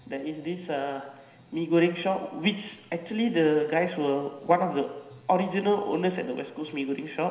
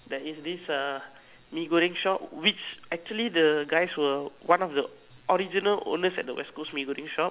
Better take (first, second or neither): second